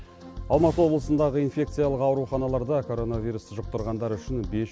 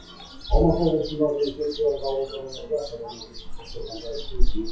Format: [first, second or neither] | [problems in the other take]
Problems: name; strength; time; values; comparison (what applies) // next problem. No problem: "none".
first | noise reduction (classical method WPE with log-MMSE)